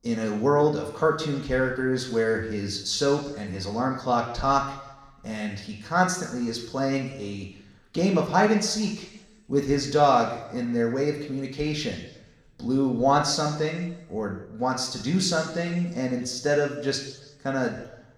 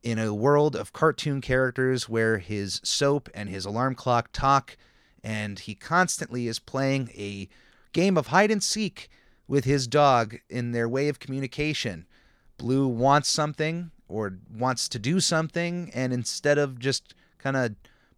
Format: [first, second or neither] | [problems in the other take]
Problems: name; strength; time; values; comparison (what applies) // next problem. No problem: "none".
second | room echo; slight; dies away in 0.9 s // off-mic speech; somewhat distant